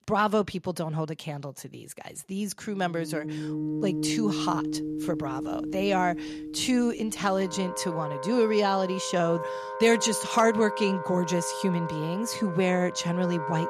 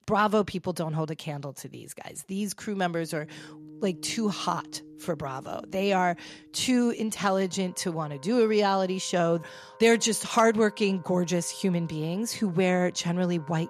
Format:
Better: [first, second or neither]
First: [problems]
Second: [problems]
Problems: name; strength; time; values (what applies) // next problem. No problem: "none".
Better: second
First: background music; loud; from 3.5 s on; 7 dB below the speech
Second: background music; faint; from 3.5 s on; 25 dB below the speech